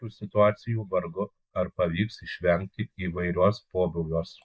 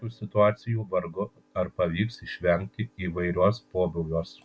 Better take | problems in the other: second | noise reduction (neural mask model Resemble Enhance denoiser)

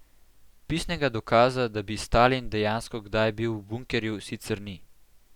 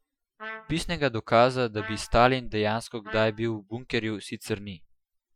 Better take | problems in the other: first | noise reduction (classical method Wiener filter)

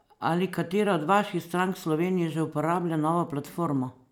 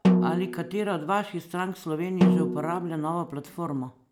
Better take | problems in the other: first | background sound (Snare drum); 3 dB above the speech

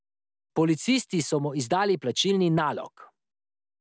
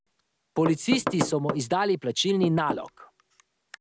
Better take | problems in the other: first | background sound (Knock / Wood); 7 dB below the speech

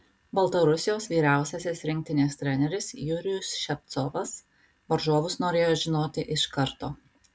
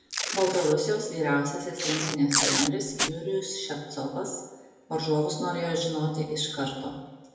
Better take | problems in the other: first | background sound (Packing tape, duct tape); 2 dB below the speech // room echo; dies away in 1 s

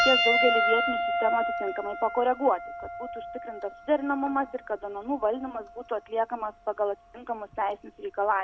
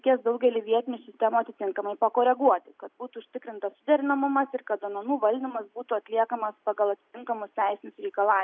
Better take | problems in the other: second | background sound (Piano); 2 dB below the speech

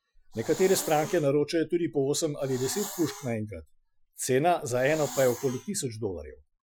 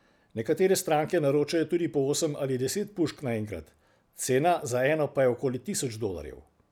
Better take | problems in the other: second | noise reduction (classical method Wiener filter)

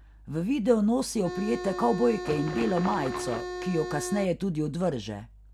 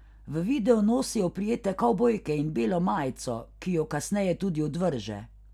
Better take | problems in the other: second | background sound (Water / Splash, splatter + Organ); 6 dB below the speech

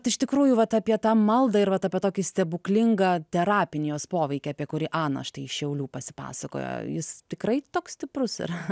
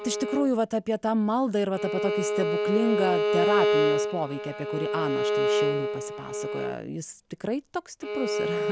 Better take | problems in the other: first | background sound (Bowed string instrument); 1 dB above the speech

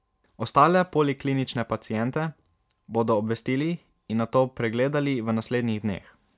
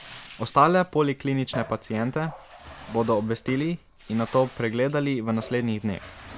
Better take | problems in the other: first | background sound (Bathtub (filling or washing)); 18 dB below the speech

